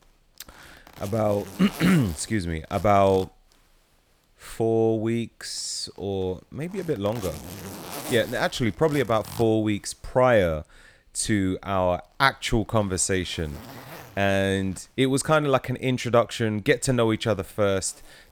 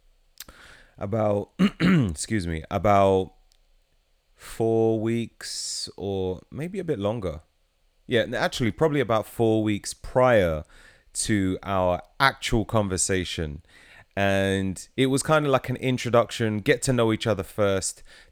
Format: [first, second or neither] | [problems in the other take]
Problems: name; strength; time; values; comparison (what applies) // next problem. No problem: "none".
second | household noises; noticeable; throughout; 15 dB below the speech